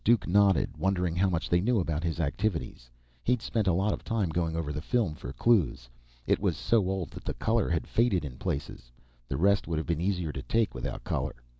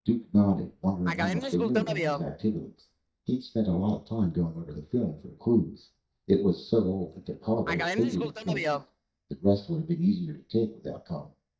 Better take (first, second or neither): first